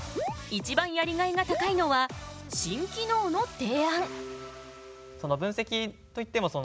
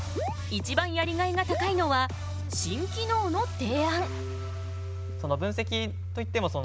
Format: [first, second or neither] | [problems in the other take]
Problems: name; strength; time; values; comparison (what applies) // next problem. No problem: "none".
first | background sound (Domestic sounds, home sounds); 4 dB below the speech